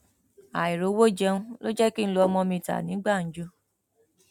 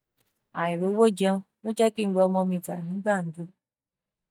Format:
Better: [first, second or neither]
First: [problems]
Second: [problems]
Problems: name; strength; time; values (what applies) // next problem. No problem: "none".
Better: first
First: none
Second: noise reduction (neural mask model DeepFilterNet 3)